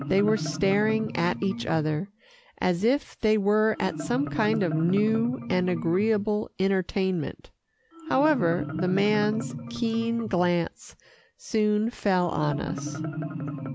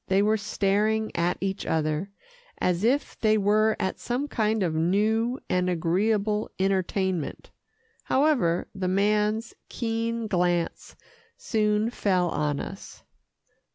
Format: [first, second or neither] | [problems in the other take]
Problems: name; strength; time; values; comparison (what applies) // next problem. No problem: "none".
second | background sound (Marimba, xylophone); 9 dB below the speech